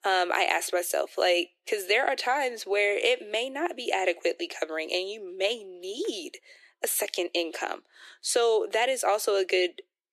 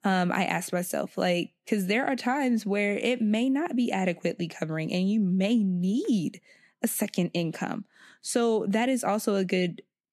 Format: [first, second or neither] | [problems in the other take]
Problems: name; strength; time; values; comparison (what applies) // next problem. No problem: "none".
second | thin; very; fading below 350 Hz